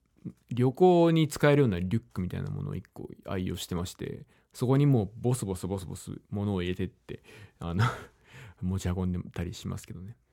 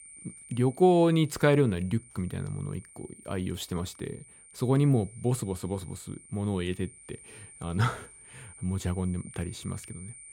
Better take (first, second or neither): first